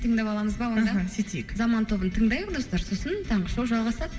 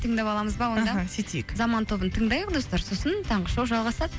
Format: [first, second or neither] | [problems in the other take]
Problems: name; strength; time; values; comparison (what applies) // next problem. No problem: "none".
second | room echo; dies away in 1.8 s